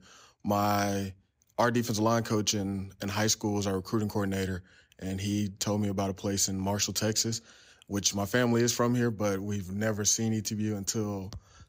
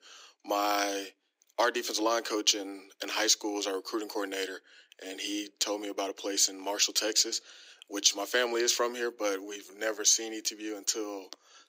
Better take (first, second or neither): first